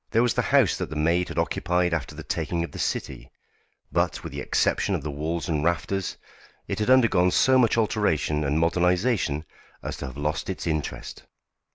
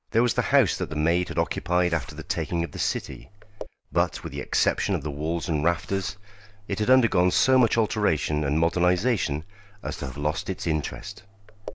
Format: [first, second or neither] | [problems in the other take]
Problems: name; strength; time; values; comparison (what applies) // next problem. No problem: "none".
first | background sound (Zipper (clothing)); 16 dB below the speech